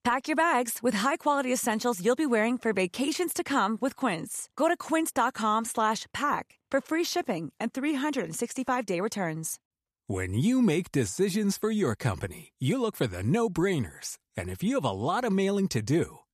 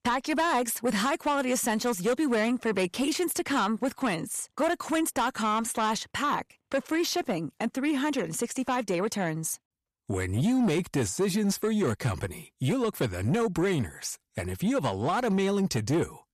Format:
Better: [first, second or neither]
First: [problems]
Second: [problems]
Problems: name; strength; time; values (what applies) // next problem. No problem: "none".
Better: first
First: none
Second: distortion; slight; 10 dB below the speech